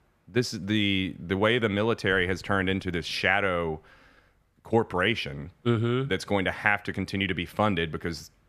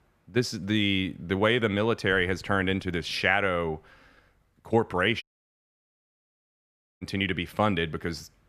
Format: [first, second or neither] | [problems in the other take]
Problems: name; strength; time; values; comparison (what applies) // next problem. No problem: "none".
first | audio cutting out; at 5 s for 2 s